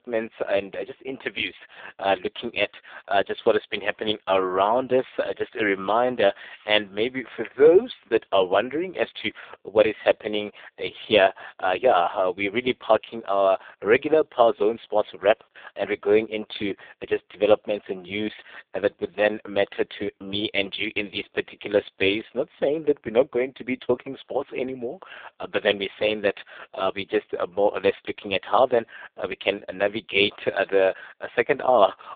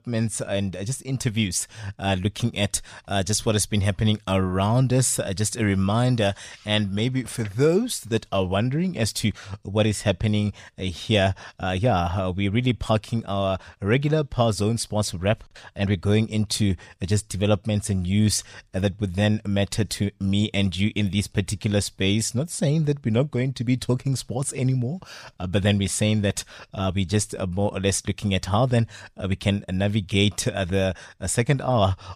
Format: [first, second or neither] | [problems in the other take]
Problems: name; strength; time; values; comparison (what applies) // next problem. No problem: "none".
second | phone-call audio; poor line